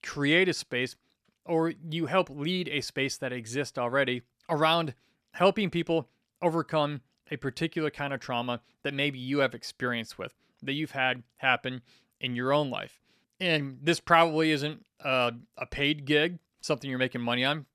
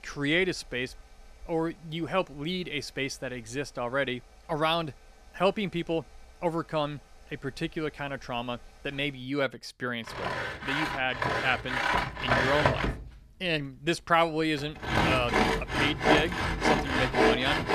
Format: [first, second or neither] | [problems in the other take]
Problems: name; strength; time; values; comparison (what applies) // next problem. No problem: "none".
first | machinery noise; very loud; throughout; 3 dB above the speech